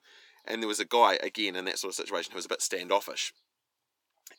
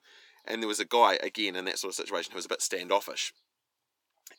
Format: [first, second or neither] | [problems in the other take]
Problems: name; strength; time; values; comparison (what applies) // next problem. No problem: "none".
neither | thin; somewhat; fading below 250 Hz; the same in both